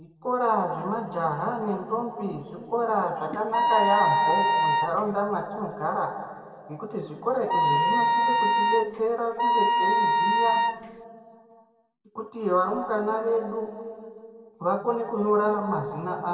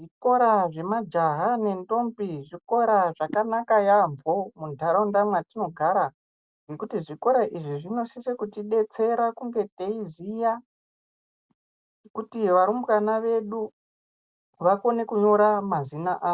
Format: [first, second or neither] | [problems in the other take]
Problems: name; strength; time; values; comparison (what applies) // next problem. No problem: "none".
second | background sound (Wind instrument, woodwind instrument); 5 dB above the speech // room echo; dies away in 2.3 s